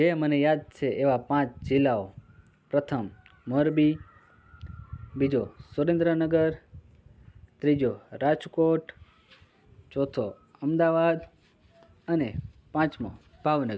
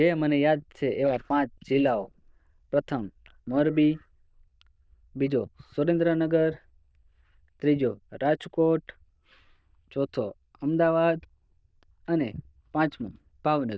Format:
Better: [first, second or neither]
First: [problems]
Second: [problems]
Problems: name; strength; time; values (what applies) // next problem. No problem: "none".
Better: first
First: none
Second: noise reduction (neural diffusion model UNIVERSE++)